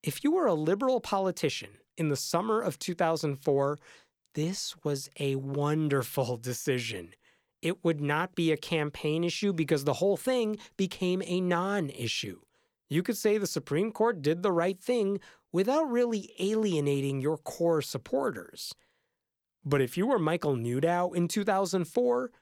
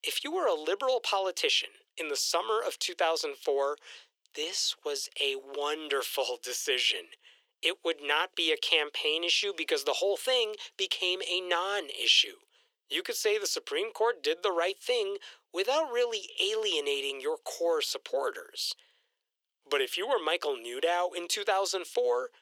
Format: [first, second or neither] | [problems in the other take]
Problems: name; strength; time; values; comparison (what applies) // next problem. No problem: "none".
first | thin; very; fading below 400 Hz